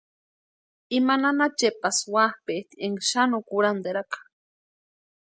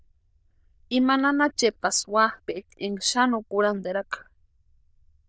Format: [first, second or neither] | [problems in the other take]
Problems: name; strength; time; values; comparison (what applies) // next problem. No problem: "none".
first | noise reduction (neural diffusion model UNIVERSE++)